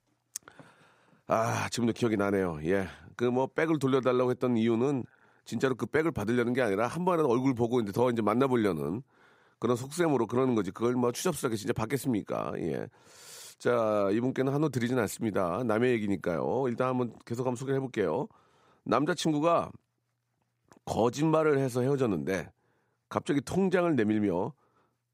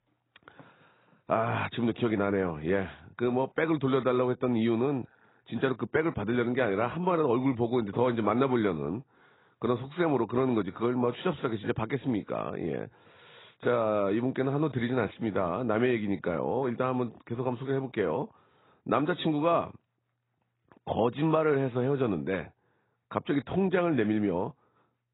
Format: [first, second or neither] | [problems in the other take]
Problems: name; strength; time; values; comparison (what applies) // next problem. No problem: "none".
first | garbled, watery; badly; nothing above 4 kHz